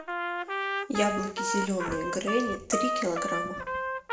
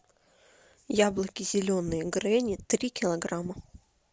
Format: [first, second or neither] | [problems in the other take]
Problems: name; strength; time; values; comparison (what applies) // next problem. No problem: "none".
second | background sound (Trumpet); as loud as the speech // room echo; dies away in 0.6 s